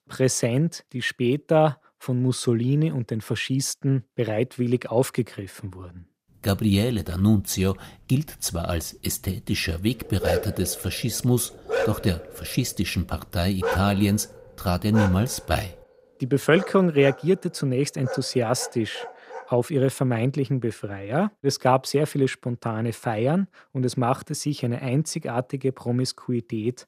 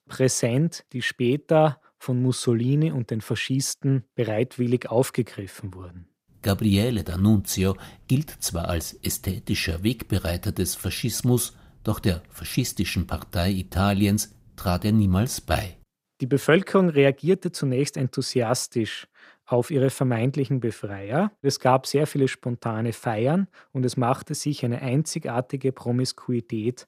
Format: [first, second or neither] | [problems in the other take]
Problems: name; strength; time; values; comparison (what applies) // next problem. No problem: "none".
second | dog barking; noticeable; from 10 to 19 s; peak 2 dB below the speech